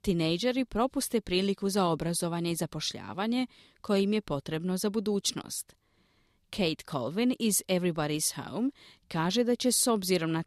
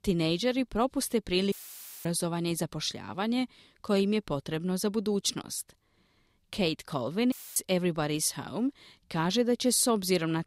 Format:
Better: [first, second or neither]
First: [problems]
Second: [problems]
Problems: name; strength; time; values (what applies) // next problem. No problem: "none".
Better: first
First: none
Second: audio cutting out; filled with static; at 1.5 s for 0.5 s and at 7.5 s